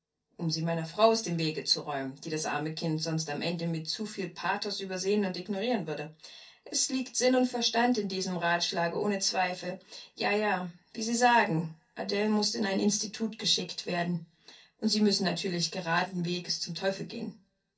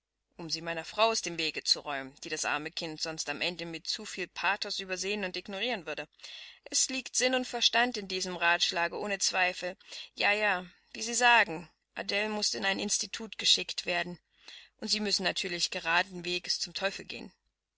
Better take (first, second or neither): second